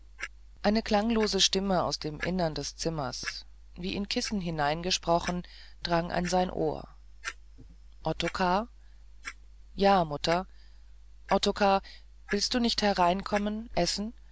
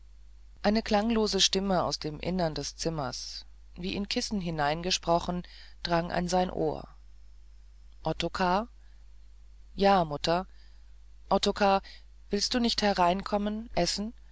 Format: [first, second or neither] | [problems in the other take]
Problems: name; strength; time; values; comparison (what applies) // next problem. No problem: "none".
second | background sound (Clock); 18 dB below the speech